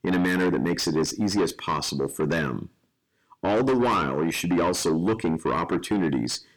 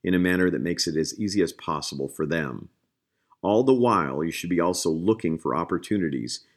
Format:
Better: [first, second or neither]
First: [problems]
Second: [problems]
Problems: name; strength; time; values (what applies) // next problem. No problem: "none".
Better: second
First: distortion; heavy; 6 dB below the speech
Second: none